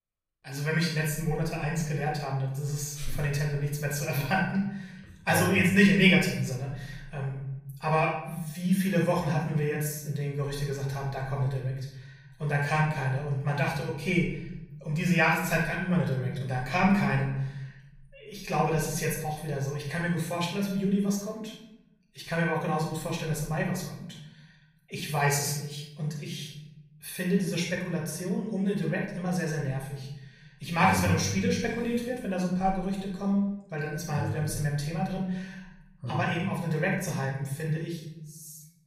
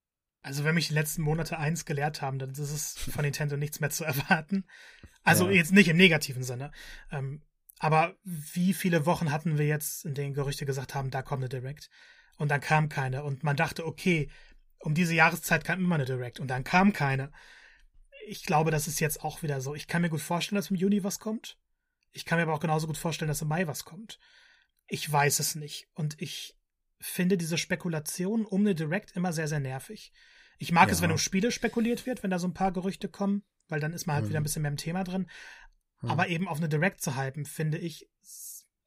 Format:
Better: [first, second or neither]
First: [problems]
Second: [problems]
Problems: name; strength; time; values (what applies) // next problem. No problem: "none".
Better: second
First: off-mic speech; far // room echo; noticeable; dies away in 0.9 s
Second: none